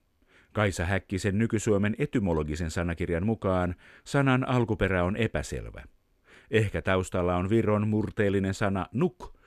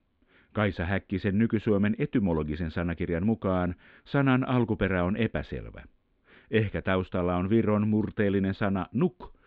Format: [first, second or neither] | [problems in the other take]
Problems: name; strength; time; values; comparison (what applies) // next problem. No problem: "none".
first | muffled; very; fading above 4 kHz